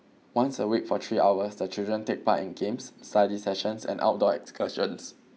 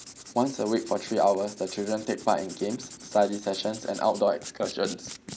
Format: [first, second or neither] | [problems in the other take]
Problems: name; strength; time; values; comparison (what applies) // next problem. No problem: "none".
first | background sound (Writing); 16 dB below the speech